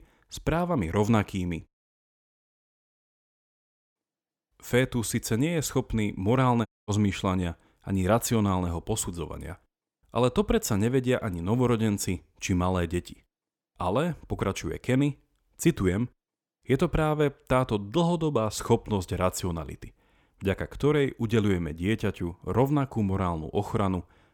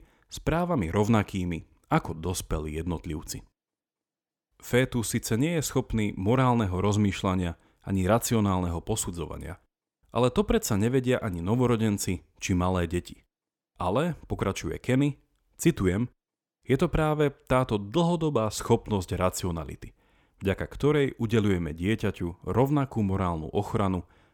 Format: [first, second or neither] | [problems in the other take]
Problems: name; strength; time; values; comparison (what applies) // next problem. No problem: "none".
second | audio cutting out; at 1.5 s for 2.5 s and at 6.5 s